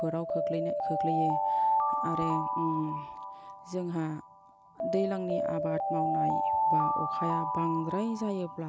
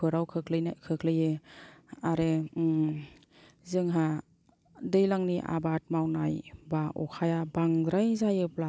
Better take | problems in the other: second | background sound (Alarm); 3 dB above the speech

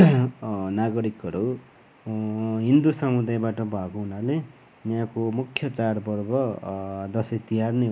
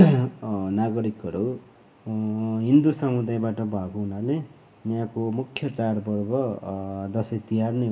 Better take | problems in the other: first | room echo; dies away in 0.9 s

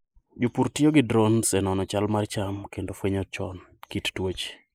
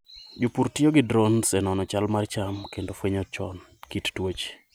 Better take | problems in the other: second | noise reduction (neural mask model Resemble Enhance denoiser)

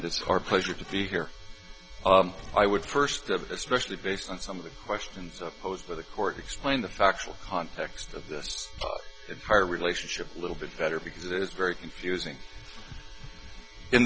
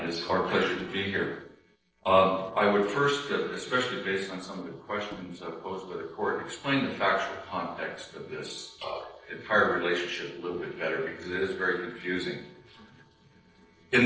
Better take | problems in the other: first | noise reduction (neural separator model SepFormer DNS4)

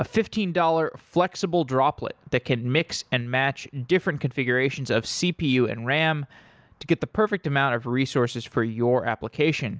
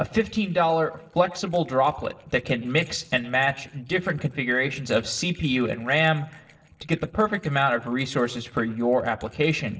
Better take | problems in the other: first | noise reduction (neural separator model SepFormer DNS4)

